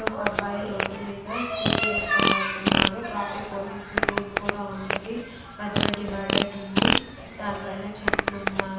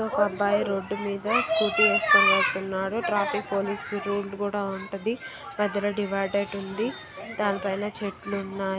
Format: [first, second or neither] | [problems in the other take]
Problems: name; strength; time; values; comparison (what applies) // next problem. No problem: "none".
second | background sound (Fart); 2 dB above the speech // room echo; dies away in 1.1 s